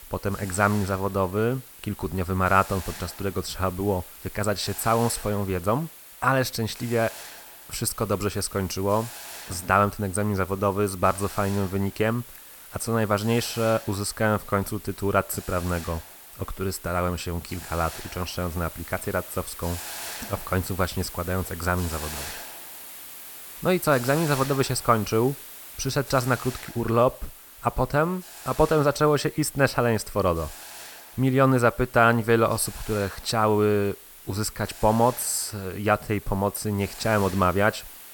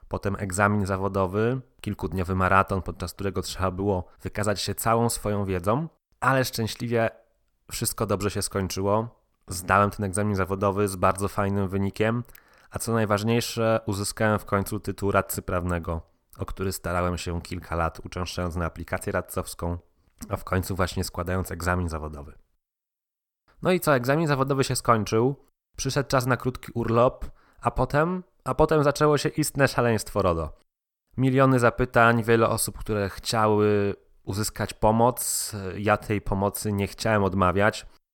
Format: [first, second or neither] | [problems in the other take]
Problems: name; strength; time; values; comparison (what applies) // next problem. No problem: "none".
second | hiss; noticeable; throughout; 15 dB below the speech